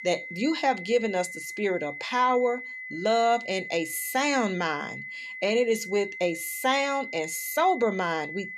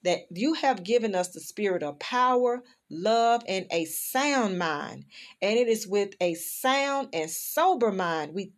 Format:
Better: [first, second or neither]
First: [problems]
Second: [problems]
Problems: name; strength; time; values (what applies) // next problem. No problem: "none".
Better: second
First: high-pitched whine; loud; throughout; 2 kHz, 10 dB below the speech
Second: none